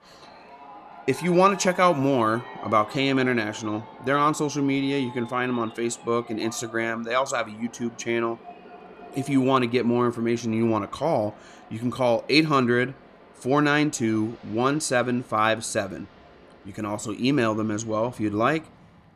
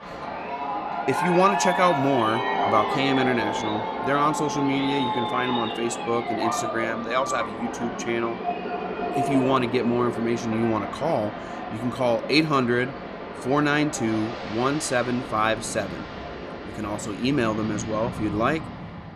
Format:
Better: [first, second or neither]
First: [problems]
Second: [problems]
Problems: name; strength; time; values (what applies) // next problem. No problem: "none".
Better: first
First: train or aircraft noise; faint; throughout; 20 dB below the speech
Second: train or aircraft noise; loud; throughout; 5 dB below the speech